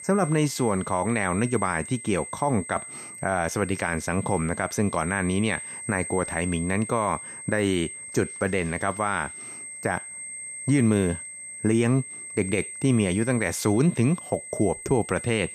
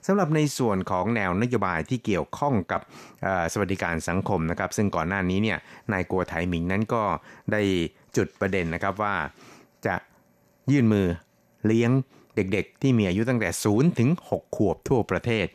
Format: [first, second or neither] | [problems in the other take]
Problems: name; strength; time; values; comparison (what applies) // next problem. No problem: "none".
second | high-pitched whine; loud; throughout; 8.5 kHz, 10 dB below the speech